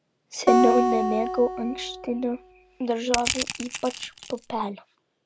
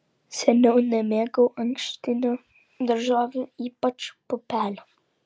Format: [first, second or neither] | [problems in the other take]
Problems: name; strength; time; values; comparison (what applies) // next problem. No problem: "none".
second | background sound (Acoustic guitar + Crushing); as loud as the speech